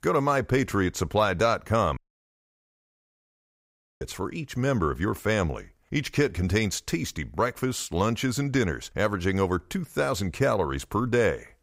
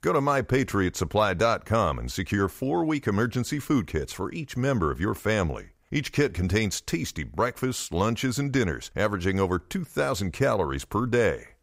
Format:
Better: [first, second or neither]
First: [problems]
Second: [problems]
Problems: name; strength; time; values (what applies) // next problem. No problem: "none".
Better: second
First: audio cutting out; at 2 s for 2 s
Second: none